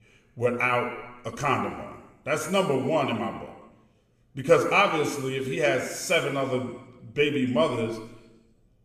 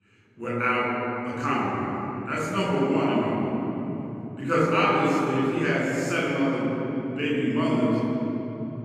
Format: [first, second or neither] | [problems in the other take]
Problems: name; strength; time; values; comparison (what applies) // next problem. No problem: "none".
first | room echo; strong; dies away in 3 s; slight in the first // off-mic speech; far